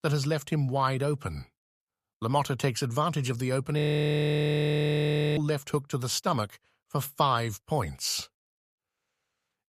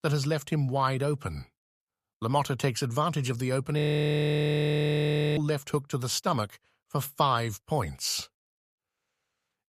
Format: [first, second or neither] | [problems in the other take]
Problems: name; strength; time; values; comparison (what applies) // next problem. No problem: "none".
neither | audio freezing; at 4 s for 1.5 s; the same in both